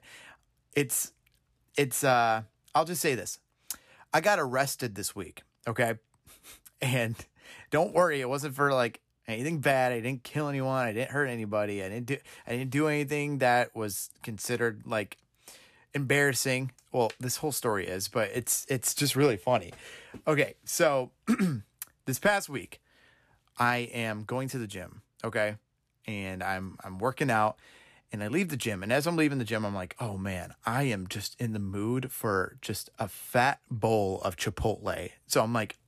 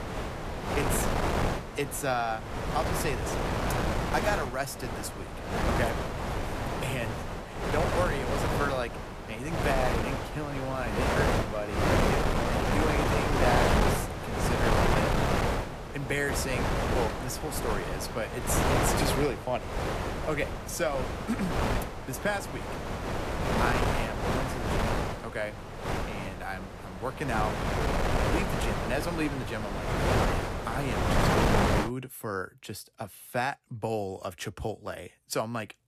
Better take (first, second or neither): first